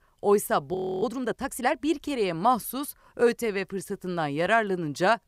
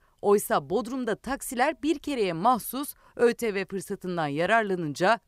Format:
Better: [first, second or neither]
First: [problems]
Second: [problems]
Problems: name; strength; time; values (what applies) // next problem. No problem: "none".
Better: second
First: audio freezing; at 1 s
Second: none